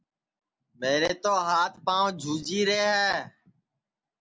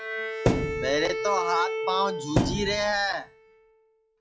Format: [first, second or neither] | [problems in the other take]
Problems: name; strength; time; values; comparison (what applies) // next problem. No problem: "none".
first | noise reduction (classical method log-MMSE)